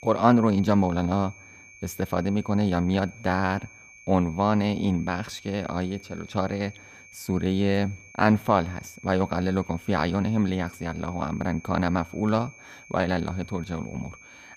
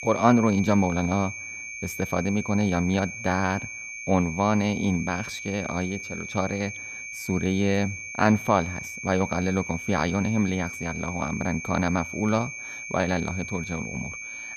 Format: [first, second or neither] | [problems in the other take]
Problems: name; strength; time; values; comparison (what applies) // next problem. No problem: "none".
first | high-pitched whine; loud; throughout; 2.5 kHz, 8 dB below the speech; faint in the first